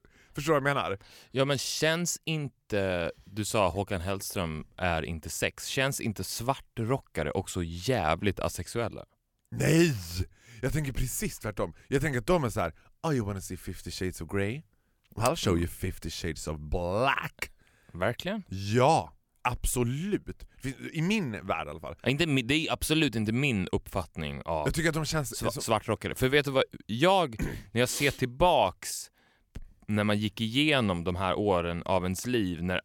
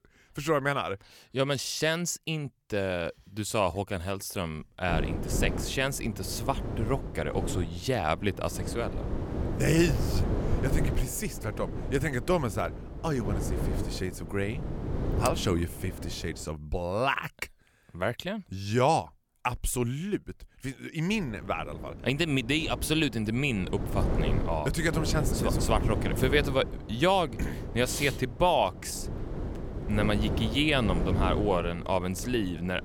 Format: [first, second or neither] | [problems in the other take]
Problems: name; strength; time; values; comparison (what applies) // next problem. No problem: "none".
first | wind noise on the microphone; heavy; from 5 to 16 s and from 21 s on; 10 dB below the speech